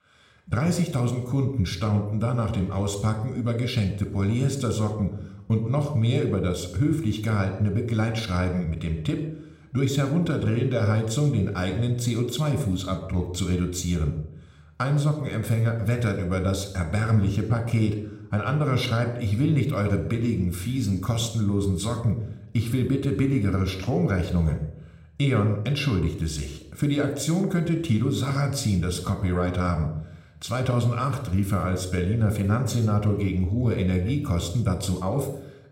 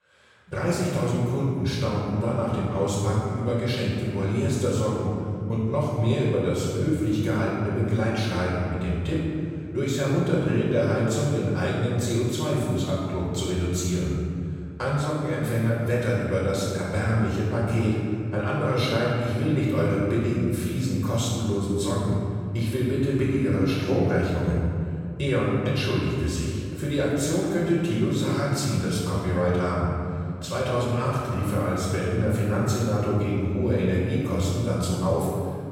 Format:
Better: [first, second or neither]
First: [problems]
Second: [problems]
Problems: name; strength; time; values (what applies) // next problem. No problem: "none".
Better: first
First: room echo; slight; dies away in 0.7 s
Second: room echo; strong; dies away in 2.4 s // off-mic speech; far